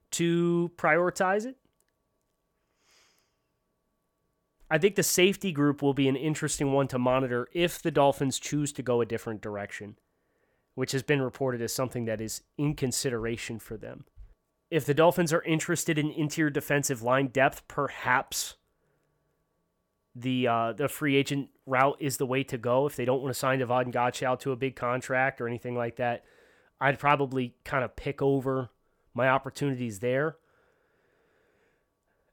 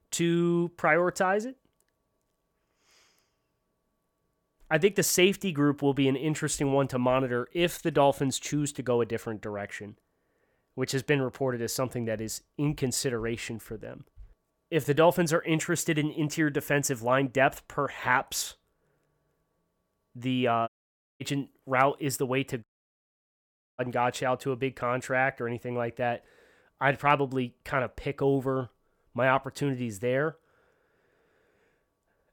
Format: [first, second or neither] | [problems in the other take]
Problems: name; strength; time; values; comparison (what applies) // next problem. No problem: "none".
first | audio cutting out; at 21 s for 0.5 s and at 23 s for 1 s